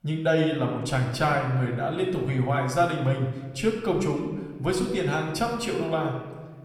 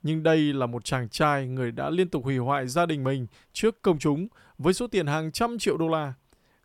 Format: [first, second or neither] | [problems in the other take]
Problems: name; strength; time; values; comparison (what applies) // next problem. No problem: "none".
second | room echo; noticeable; dies away in 1.1 s // off-mic speech; somewhat distant